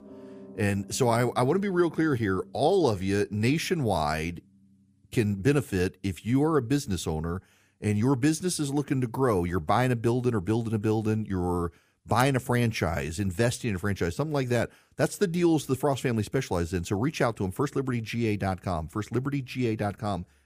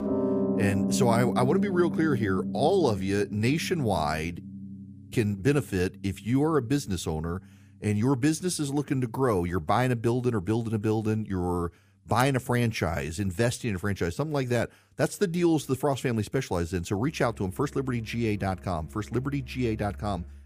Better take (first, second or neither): first